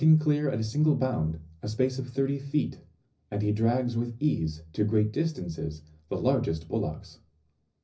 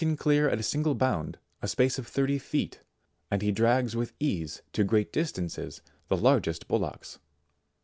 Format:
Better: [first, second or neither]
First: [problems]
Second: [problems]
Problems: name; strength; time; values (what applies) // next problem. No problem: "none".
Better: second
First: room echo; dies away in 0.4 s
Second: none